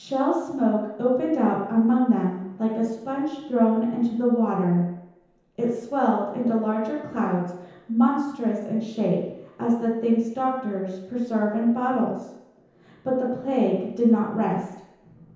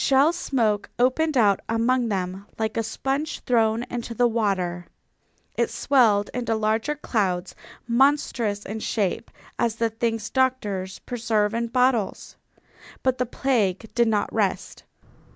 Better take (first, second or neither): second